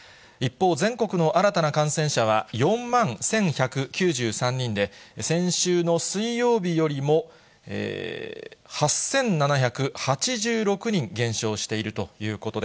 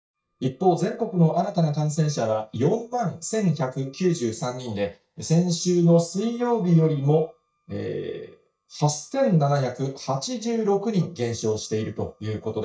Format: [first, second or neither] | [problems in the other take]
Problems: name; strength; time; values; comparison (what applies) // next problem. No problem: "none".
first | noise reduction (neural mask model DeepFilterNet 3)